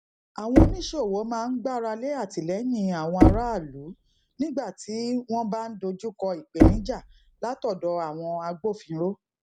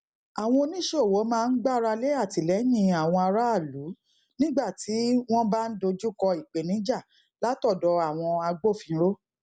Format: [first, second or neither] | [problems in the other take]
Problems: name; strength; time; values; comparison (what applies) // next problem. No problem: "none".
second | background sound (Knock); 3 dB above the speech